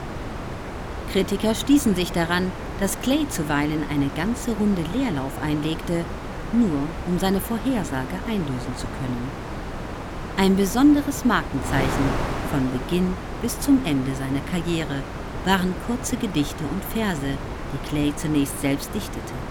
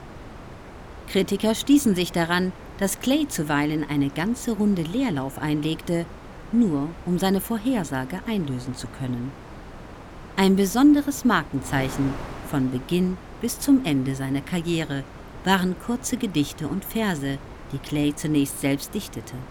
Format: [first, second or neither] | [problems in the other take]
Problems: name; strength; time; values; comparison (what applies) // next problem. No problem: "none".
second | wind noise on the microphone; heavy; 6 dB below the speech; occasional gusts in the second